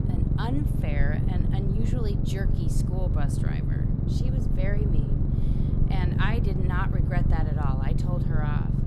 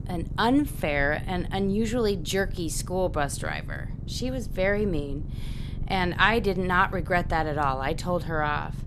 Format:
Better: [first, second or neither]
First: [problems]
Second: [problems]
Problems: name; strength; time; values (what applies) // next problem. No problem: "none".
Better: second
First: low rumble; loud; throughout; 1 dB below the speech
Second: low rumble; faint; throughout; 20 dB below the speech